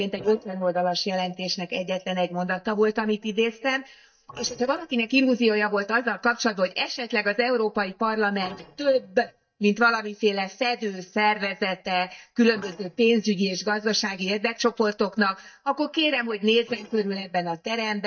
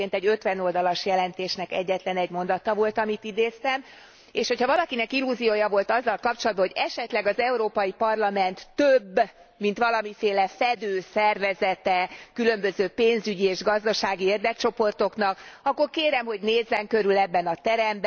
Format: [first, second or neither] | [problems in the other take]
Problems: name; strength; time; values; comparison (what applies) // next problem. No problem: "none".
second | noise reduction (neural mask model DeepFilterNet 3)